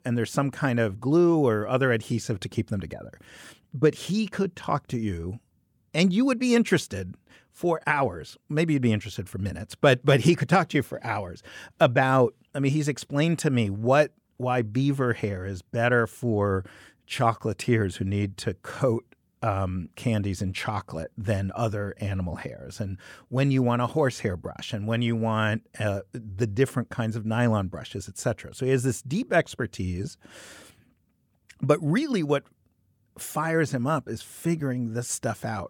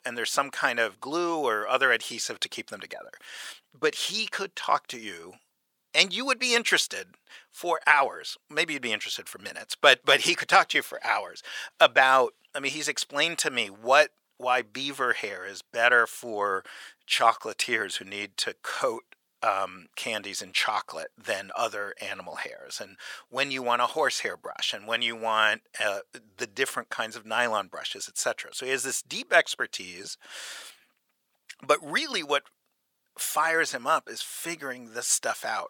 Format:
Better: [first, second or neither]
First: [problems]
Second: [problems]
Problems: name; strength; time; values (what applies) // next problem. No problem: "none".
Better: first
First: none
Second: thin; very; fading below 800 Hz